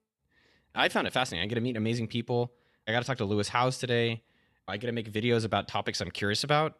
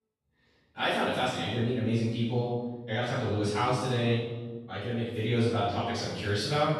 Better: first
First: none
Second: off-mic speech; far // room echo; strong; dies away in 1.2 s

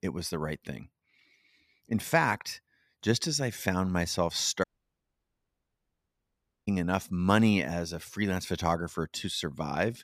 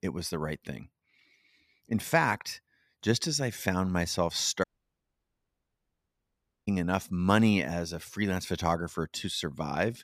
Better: neither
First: audio cutting out; at 4.5 s for 2 s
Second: audio cutting out; at 4.5 s for 2 s

